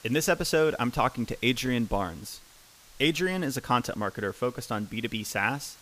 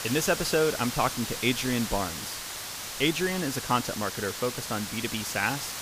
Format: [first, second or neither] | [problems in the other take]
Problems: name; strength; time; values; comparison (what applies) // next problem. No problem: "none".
first | hiss; loud; throughout; 5 dB below the speech; faint in the first